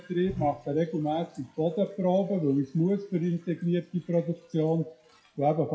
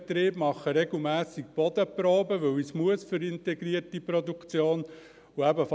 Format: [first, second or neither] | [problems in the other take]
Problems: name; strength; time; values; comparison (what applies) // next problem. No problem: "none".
second | noise reduction (classical method WPE with log-MMSE)